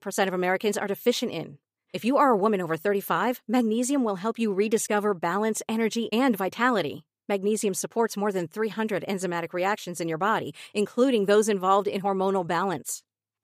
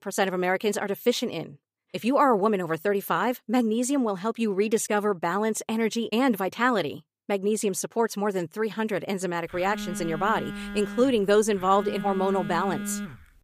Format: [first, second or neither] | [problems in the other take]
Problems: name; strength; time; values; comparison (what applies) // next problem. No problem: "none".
first | phone ringing; noticeable; from 9.5 s on; peak 7 dB below the speech